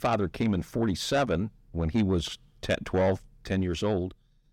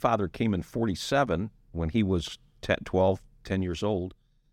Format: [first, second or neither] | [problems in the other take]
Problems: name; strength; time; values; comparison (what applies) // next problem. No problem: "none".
second | distortion; slight; 10 dB below the speech